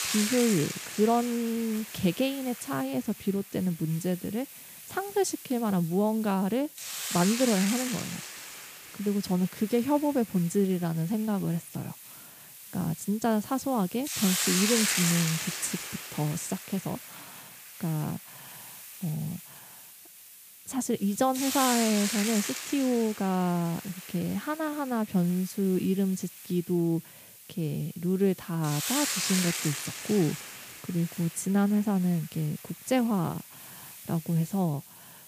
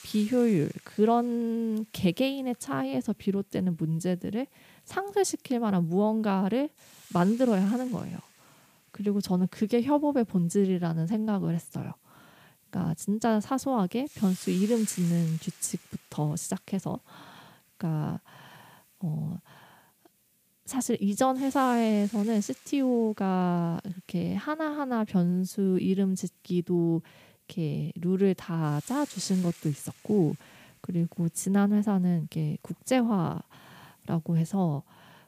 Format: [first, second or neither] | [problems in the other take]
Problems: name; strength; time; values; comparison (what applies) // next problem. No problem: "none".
second | hiss; loud; throughout; 6 dB below the speech; faint in the second